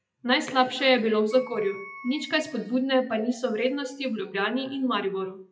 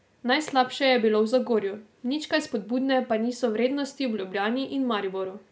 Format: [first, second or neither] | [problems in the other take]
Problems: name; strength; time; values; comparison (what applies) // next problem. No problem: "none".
second | noise reduction (classical method WPE with log-MMSE)